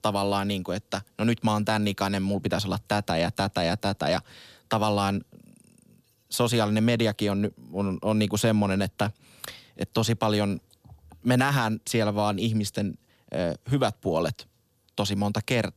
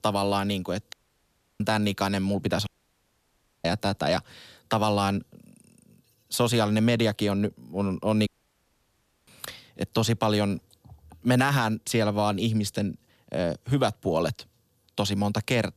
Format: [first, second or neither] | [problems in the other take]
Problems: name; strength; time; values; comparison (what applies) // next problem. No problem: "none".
first | audio cutting out; at 1 s for 0.5 s, at 2.5 s for 1 s and at 8.5 s for 1 s